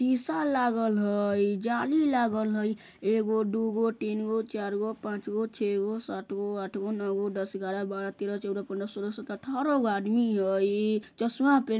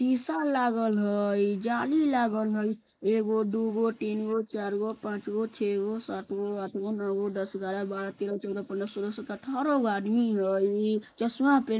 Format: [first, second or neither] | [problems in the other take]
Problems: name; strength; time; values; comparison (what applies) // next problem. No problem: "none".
first | noise reduction (neural mask model Resemble Enhance denoiser)